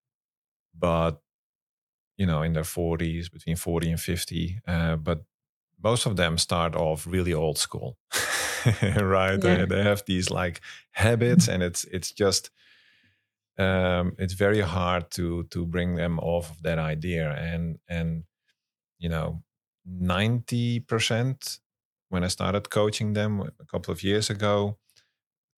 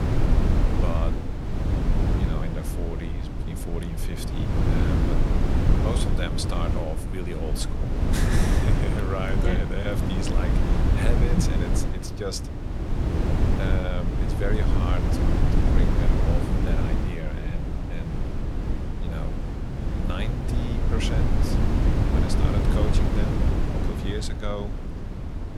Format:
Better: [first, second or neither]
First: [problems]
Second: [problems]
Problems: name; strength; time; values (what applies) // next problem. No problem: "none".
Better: first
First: none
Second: wind noise on the microphone; heavy; 1 dB above the speech